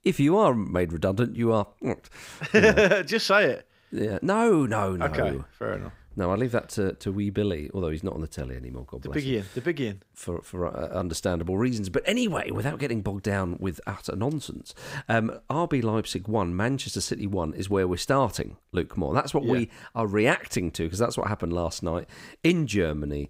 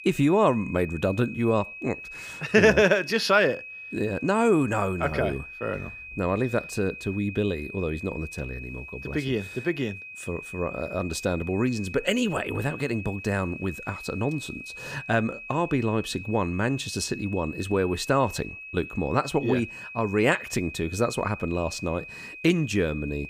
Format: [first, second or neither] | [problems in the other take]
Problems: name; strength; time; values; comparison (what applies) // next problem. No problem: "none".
first | high-pitched whine; noticeable; throughout; 2.5 kHz, 10 dB below the speech